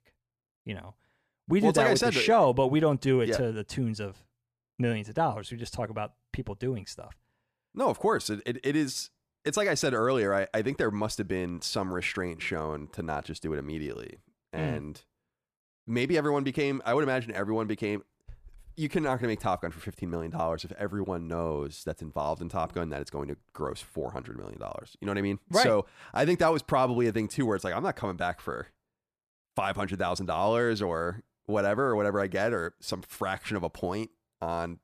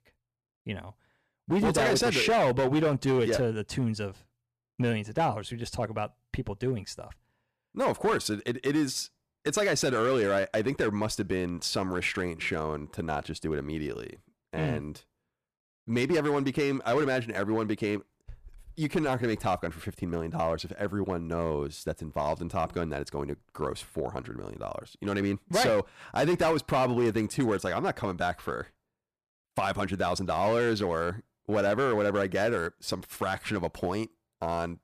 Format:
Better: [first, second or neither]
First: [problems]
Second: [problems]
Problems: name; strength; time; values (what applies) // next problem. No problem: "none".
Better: first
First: none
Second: distortion; slight; 5% of the sound clipped